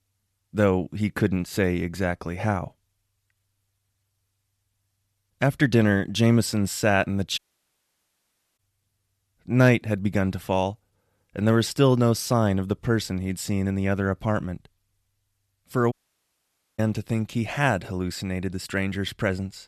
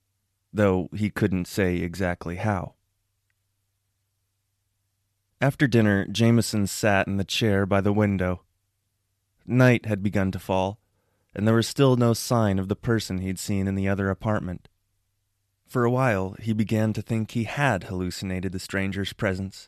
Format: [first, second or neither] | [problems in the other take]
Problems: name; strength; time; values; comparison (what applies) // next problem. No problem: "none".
second | audio cutting out; at 7.5 s for 1 s and at 16 s for 1 s